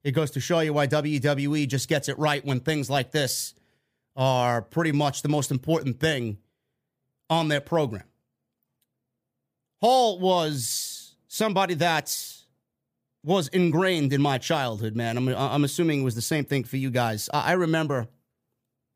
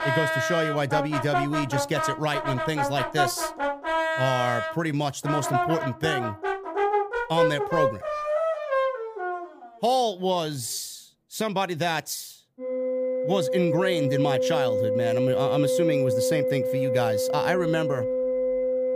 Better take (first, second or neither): first